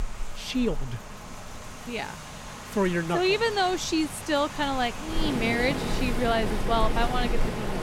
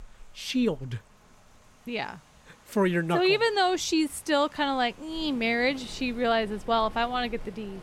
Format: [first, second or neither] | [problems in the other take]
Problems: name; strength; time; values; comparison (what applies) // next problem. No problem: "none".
second | rain or running water; loud; throughout; 7 dB below the speech; faint in the second